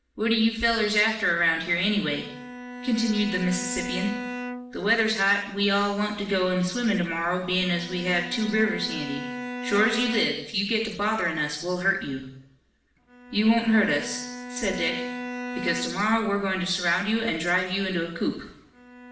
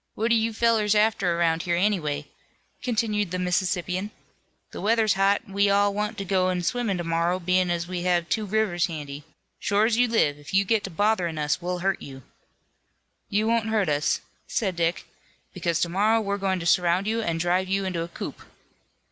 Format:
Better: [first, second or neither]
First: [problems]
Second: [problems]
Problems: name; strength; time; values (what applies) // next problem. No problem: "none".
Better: second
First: background sound (Bowed string instrument); 12 dB below the speech // room echo; dies away in 0.8 s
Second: none